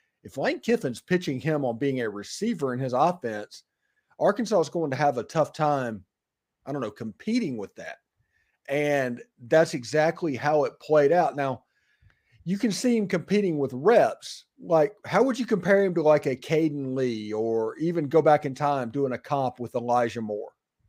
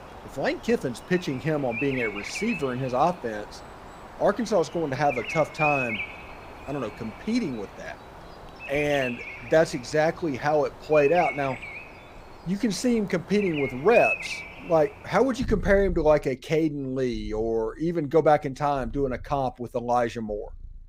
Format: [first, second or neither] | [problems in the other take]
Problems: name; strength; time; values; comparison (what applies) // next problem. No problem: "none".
first | animal sounds; loud; throughout; 9 dB below the speech